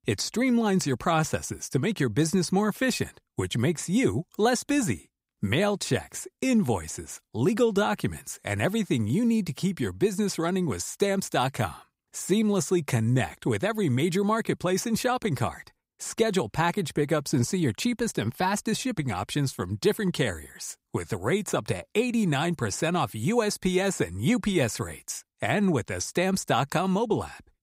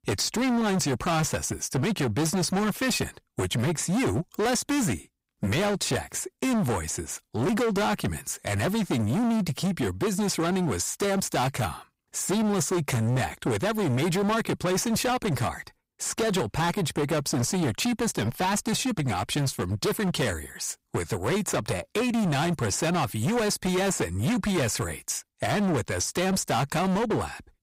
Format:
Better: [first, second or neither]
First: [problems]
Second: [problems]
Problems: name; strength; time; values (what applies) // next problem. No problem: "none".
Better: first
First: none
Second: distortion; heavy; 26% of the sound clipped